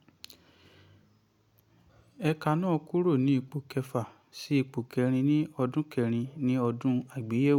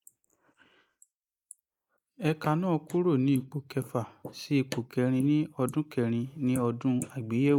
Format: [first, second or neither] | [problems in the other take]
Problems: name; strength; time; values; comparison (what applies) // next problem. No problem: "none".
first | noise reduction (neural mask model Resemble Enhance denoiser)